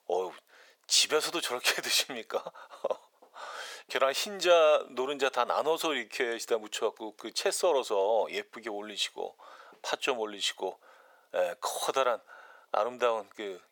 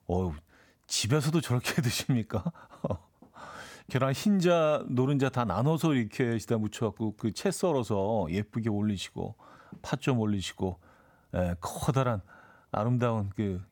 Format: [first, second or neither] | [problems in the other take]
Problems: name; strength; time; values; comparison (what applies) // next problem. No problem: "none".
second | thin; very; fading below 450 Hz